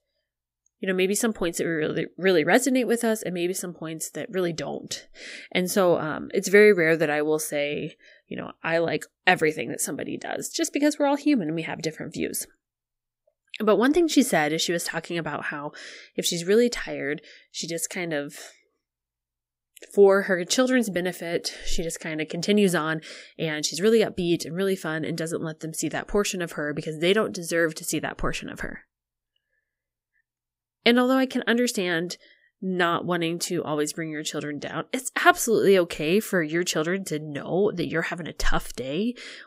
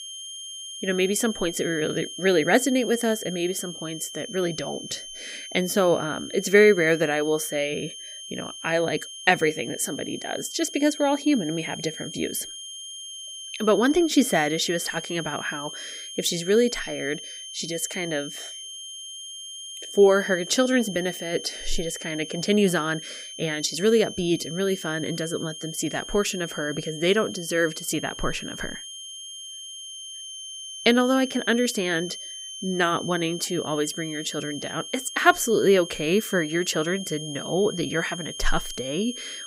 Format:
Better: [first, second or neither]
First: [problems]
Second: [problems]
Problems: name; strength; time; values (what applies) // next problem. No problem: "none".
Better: first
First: none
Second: high-pitched whine; noticeable; throughout; 3 kHz, 10 dB below the speech